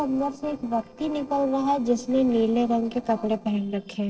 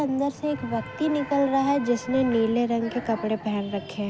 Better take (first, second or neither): second